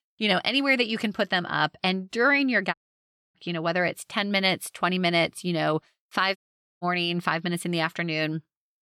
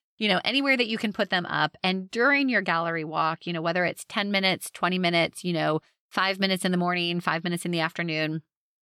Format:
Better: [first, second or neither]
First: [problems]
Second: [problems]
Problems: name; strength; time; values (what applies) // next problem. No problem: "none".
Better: second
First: audio cutting out; at 2.5 s for 0.5 s and at 6.5 s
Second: none